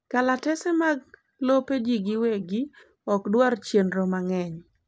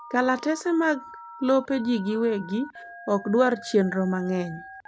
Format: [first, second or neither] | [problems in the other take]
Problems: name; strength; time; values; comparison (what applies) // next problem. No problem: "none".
first | background sound (Telephone); 18 dB below the speech